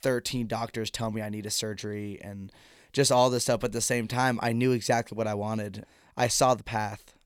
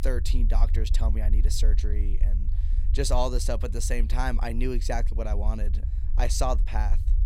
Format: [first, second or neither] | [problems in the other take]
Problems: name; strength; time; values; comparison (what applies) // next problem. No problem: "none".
first | low rumble; noticeable; throughout; 15 dB below the speech